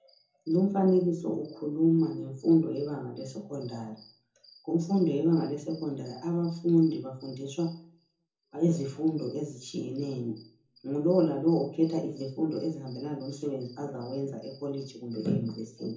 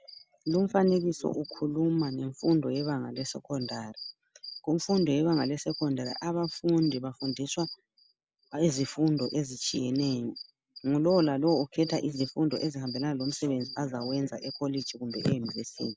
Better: second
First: room echo; dies away in 0.5 s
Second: none

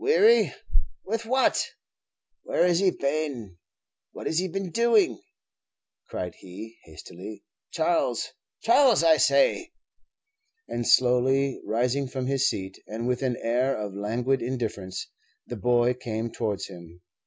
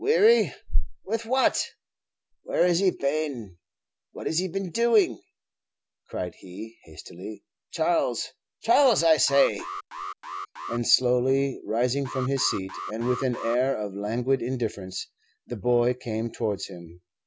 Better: first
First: none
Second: background sound (Alarm); 11 dB below the speech

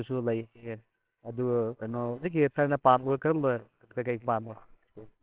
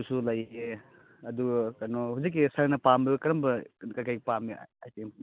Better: second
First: noise reduction (neural separator model SepFormer WHAMR!)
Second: none

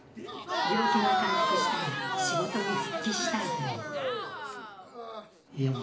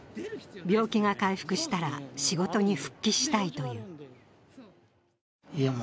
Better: second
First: background sound (Crowd); 3 dB above the speech // room echo; dies away in 2.1 s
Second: none

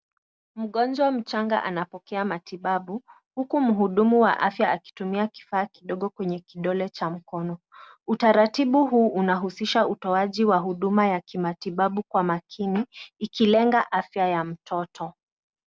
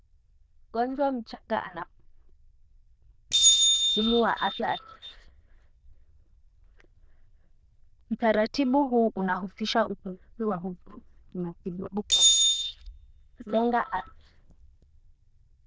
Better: first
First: none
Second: noise reduction (neural diffusion model UNIVERSE++)

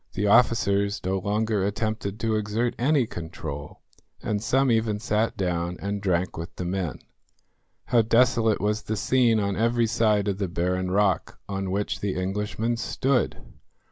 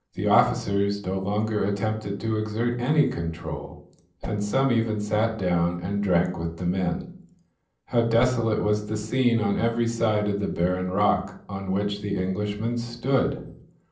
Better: first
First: none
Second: noise reduction (neural separator model SepFormer DNS4)

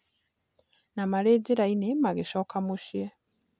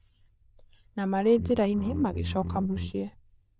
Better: first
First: none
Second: noise reduction (neural diffusion model UNIVERSE++)

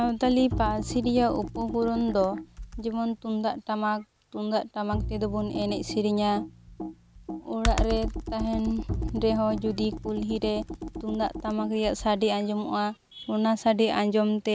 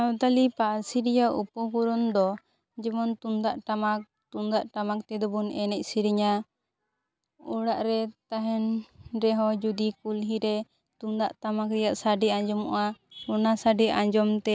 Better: second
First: background sound (Computer keyboard + Bowed string instrument); 8 dB below the speech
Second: none

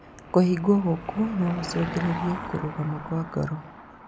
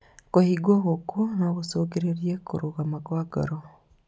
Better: second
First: background sound (Car passing by / Engine); 11 dB below the speech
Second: none

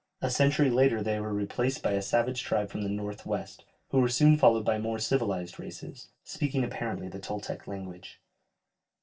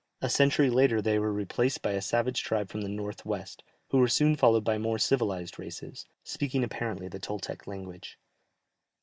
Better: second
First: noise reduction (neural separator model SepFormer DNS4)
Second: none

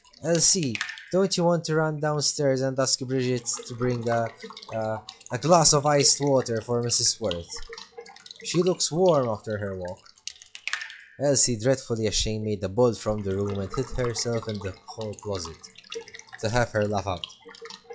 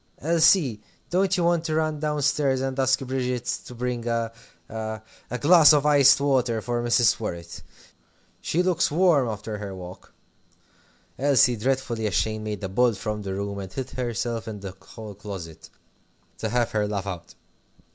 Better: second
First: noise reduction (classical method log-MMSE)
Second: none

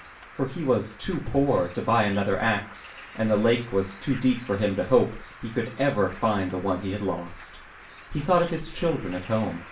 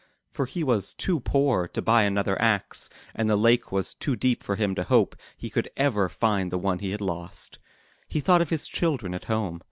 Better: second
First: background sound (Bird); 19 dB below the speech // room echo; dies away in 0.3 s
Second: none

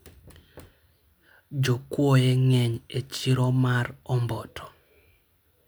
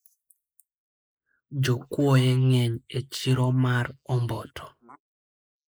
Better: first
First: none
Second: noise reduction (neural mask model Resemble Enhance denoiser)

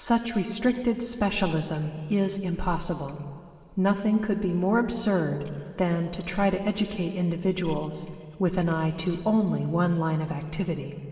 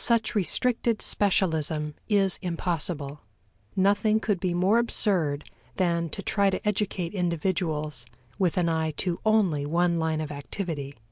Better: second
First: room echo; dies away in 2.8 s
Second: none

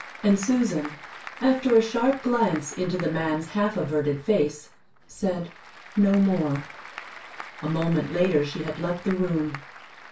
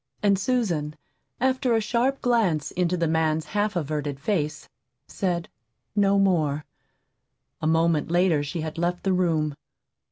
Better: second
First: background sound (Applause / Crowd); 17 dB below the speech // room echo; dies away in 0.2 s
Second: none

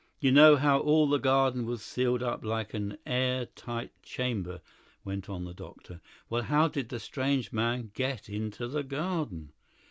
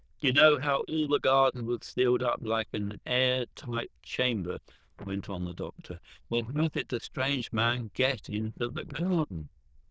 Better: first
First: none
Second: noise reduction (neural diffusion model UNIVERSE++)

